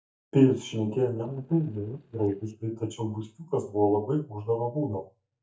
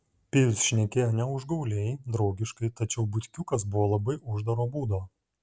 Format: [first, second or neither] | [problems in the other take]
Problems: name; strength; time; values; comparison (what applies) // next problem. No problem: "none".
second | noise reduction (neural mask model DeepFilterNet 3)